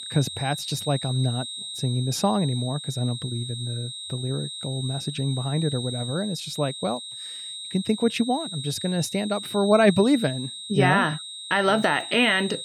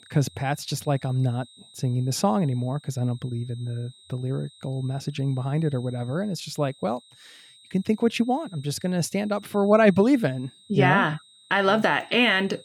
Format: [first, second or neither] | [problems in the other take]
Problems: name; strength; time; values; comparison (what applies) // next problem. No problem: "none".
second | high-pitched whine; loud; throughout; 4 kHz, 8 dB below the speech; faint in the second